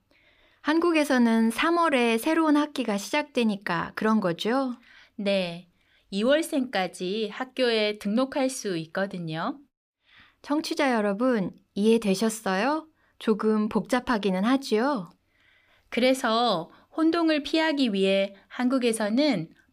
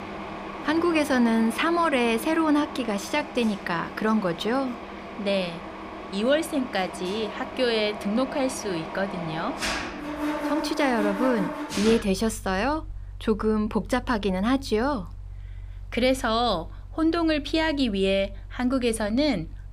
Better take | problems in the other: first | machinery noise; loud; throughout; 10 dB below the speech

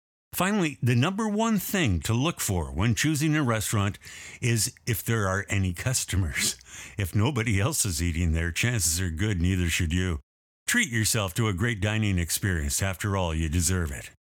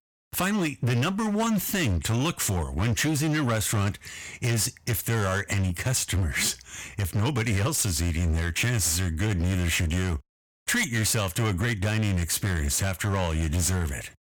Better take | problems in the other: first | distortion; slight; 19% of the sound clipped

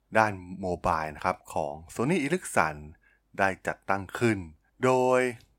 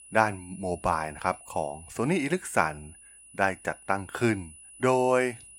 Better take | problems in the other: first | high-pitched whine; noticeable; throughout; 10 kHz, 20 dB below the speech

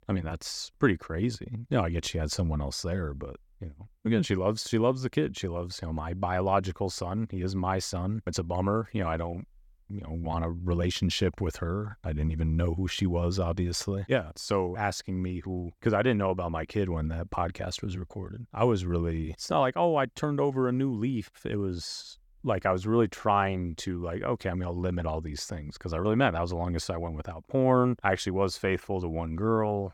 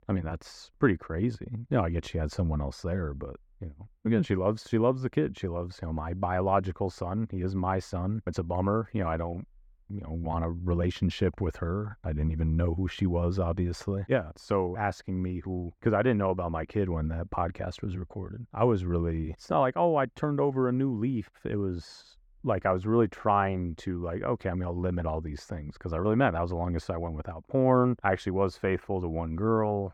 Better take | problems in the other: first | muffled; slightly; fading above 3 kHz

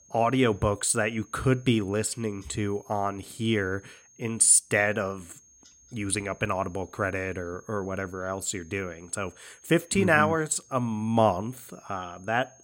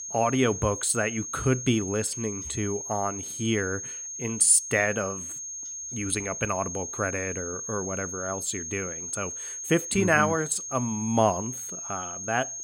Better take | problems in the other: first | high-pitched whine; loud; throughout; 6.5 kHz, 7 dB below the speech; faint in the first

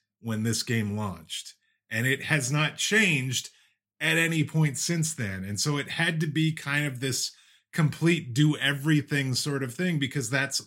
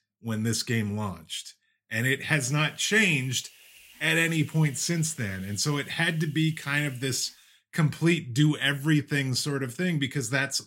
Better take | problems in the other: first | hiss; faint; from 2.5 to 7.5 s; 25 dB below the speech

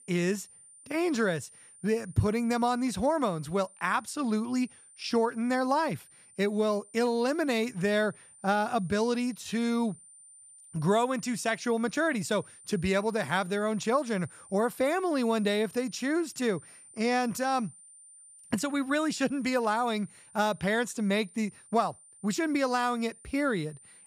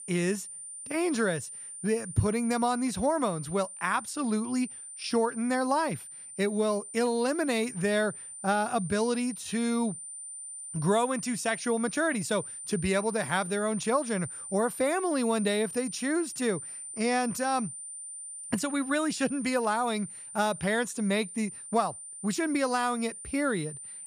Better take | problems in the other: first | high-pitched whine; loud; throughout; 9 kHz, 10 dB below the speech; faint in the first

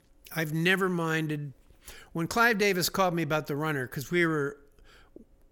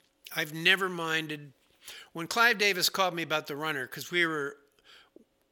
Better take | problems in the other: first | thin; somewhat; fading below 450 Hz

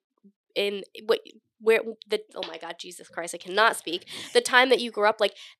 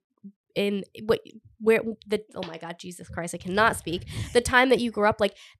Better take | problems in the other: second | thin; somewhat; fading below 300 Hz

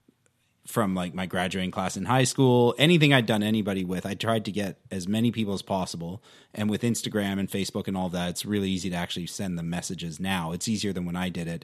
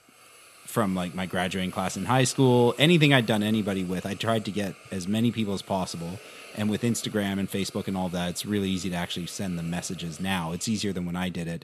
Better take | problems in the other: first | hiss; faint; throughout; 20 dB below the speech

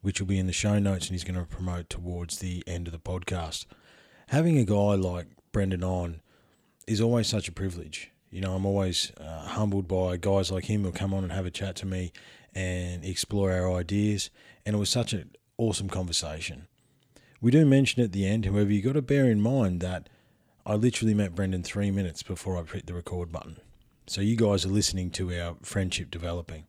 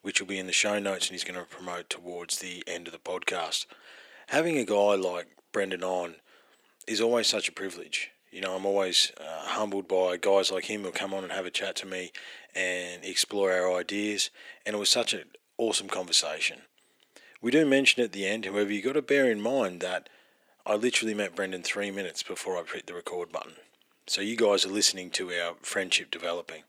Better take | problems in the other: first | thin; somewhat; fading below 350 Hz

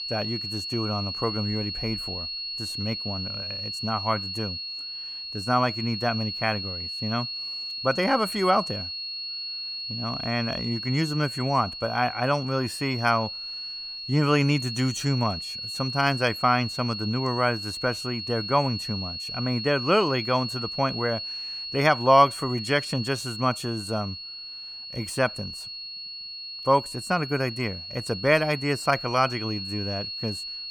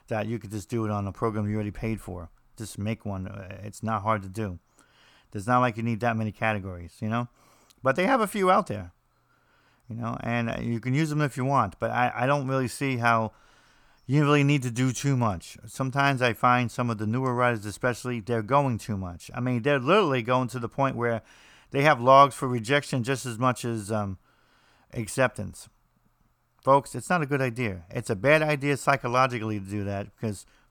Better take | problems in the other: second | high-pitched whine; loud; throughout; 4.5 kHz, 6 dB below the speech

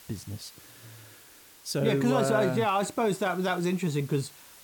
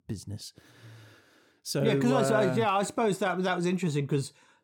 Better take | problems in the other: second | hiss; faint; throughout; 25 dB below the speech

